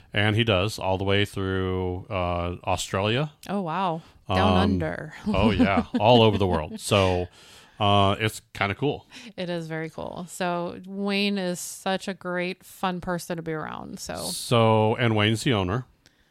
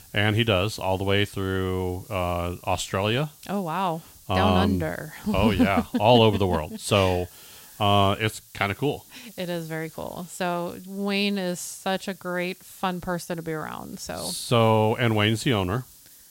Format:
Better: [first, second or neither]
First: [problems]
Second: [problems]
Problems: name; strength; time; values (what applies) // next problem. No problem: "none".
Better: first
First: none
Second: hiss; faint; throughout; 25 dB below the speech